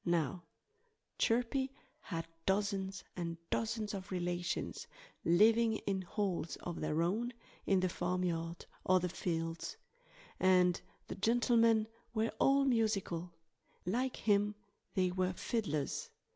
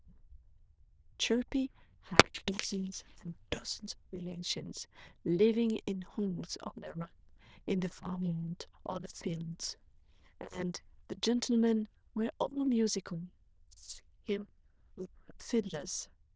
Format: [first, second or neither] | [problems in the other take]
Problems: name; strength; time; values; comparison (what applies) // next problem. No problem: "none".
first | noise reduction (neural diffusion model UNIVERSE++)